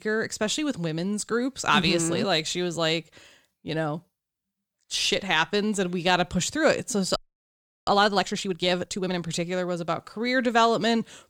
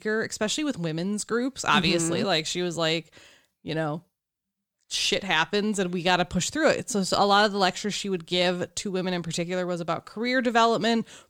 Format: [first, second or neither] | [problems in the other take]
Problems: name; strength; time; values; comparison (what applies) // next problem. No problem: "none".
second | audio freezing; at 7 s for 0.5 s